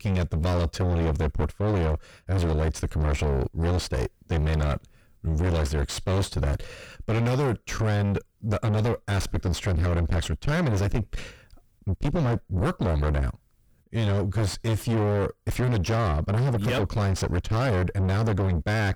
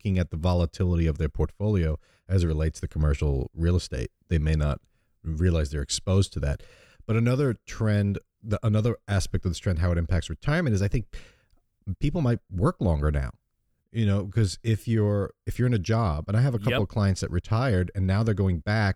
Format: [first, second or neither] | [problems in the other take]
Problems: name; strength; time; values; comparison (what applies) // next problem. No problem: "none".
second | distortion; heavy; 5 dB below the speech